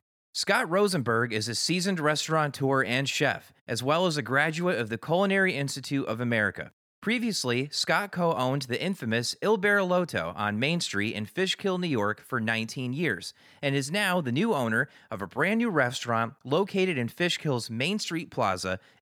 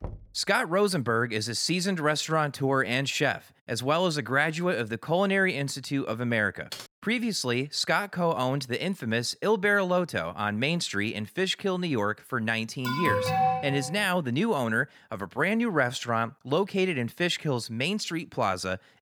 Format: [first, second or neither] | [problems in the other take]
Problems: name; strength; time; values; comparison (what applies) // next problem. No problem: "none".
first | door banging; faint; at the start; peak 15 dB below the speech // keyboard typing; faint; at 6.5 s; peak 15 dB below the speech // alarm; loud; from 13 to 14 s; peak 2 dB above the speech